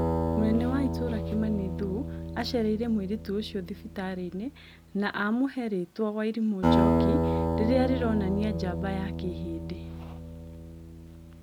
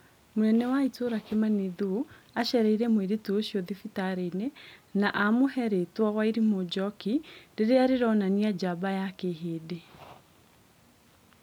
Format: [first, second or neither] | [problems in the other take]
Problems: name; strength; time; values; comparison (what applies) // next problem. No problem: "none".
second | background sound (Acoustic guitar); as loud as the speech